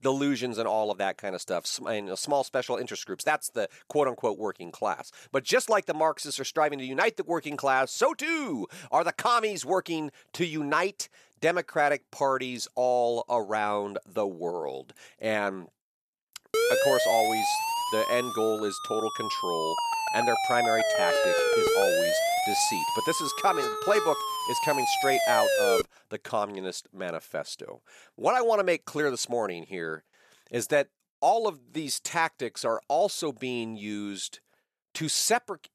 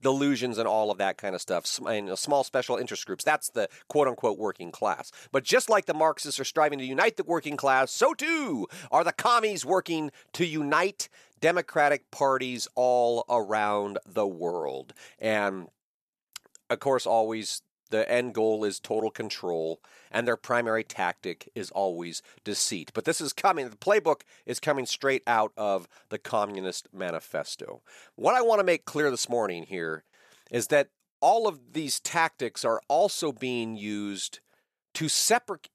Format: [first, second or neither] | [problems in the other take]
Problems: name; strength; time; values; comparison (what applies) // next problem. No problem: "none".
second | siren; loud; from 17 to 26 s; peak 6 dB above the speech